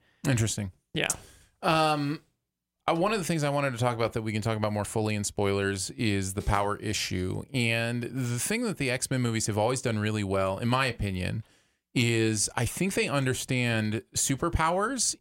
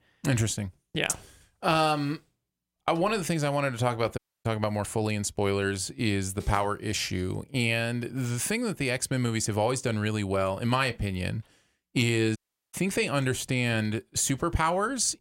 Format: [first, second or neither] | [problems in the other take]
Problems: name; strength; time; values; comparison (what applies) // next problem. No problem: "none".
first | audio cutting out; at 4 s and at 12 s